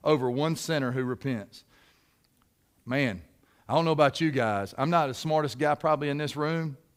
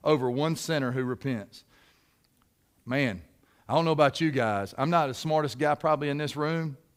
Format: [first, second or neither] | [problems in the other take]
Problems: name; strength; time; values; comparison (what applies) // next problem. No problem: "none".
neither | none